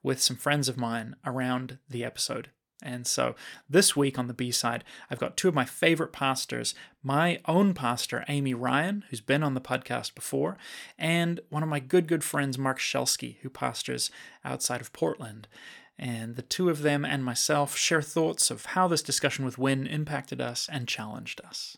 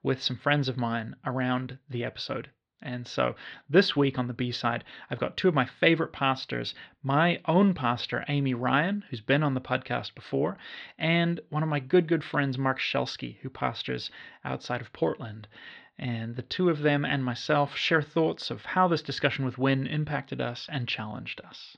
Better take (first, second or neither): first